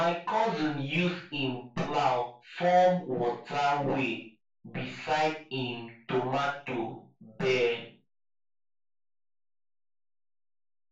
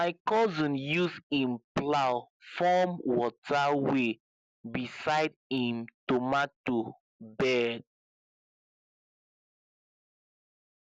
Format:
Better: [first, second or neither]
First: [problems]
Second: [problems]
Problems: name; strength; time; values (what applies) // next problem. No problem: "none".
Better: second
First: room echo; dies away in 0.3 s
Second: none